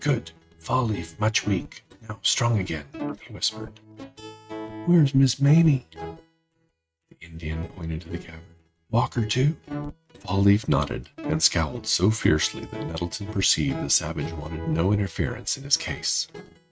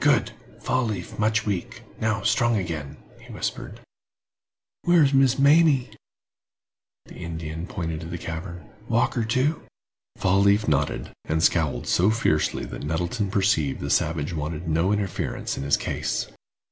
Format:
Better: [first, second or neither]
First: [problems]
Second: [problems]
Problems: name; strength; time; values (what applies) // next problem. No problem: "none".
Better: second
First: noise reduction (neural mask model RNNoise)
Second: none